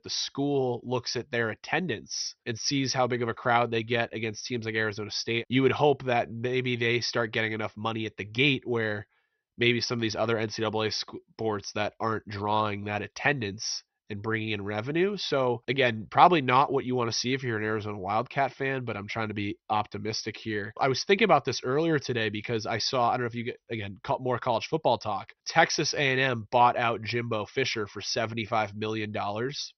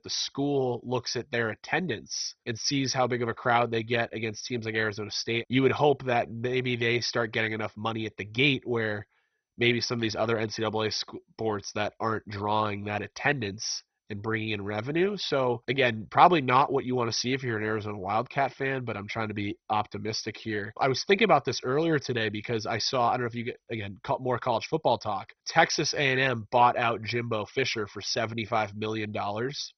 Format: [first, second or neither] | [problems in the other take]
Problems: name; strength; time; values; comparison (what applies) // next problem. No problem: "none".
first | garbled, watery; badly; nothing above 6 kHz; slightly in the first